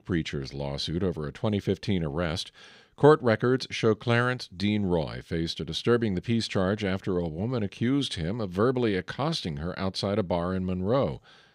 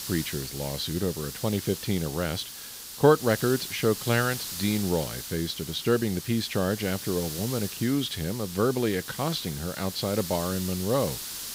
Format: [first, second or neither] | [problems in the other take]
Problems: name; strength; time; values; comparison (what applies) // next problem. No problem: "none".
first | hiss; loud; throughout; 8 dB below the speech